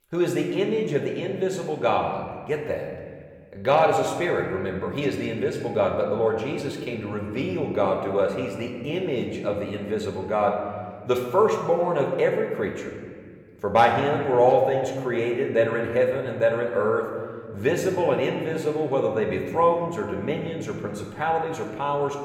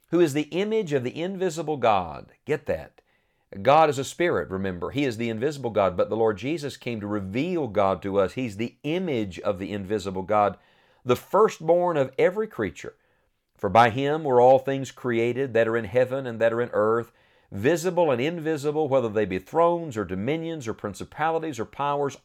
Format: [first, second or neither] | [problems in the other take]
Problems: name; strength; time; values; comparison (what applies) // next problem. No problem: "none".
second | room echo; slight; dies away in 1.6 s // off-mic speech; somewhat distant